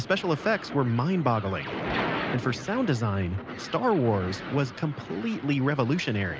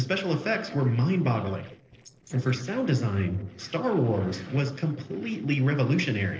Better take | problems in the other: first | noise reduction (neural separator model SepFormer DNS4)

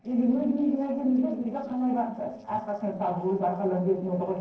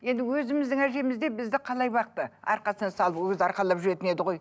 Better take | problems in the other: second | noise reduction (neural separator model SepFormer DNS4)

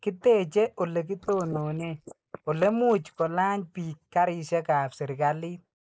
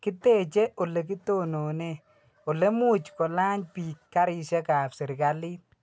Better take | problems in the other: second | noise reduction (neural mask model Resemble Enhance denoiser)

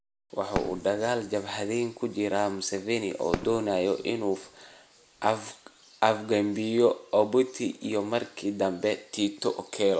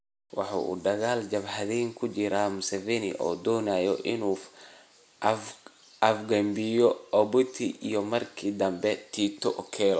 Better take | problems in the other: second | background sound (Fireworks); 14 dB below the speech

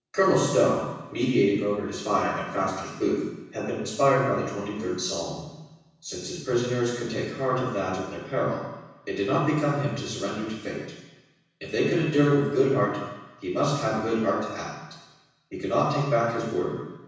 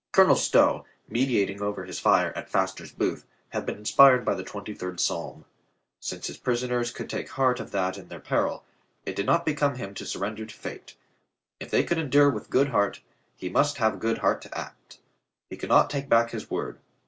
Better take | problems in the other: second | room echo; dies away in 1.1 s

